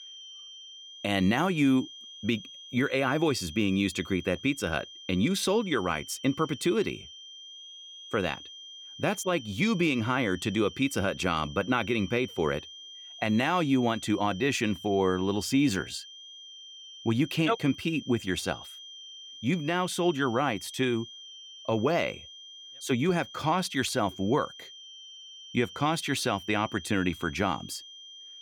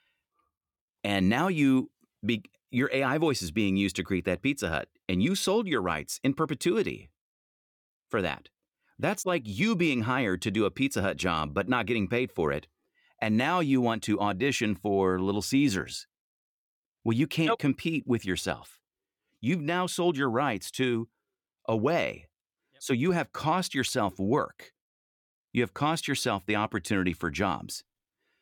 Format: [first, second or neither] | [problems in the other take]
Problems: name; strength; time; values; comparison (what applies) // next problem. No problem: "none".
second | high-pitched whine; noticeable; throughout; 3 kHz, 15 dB below the speech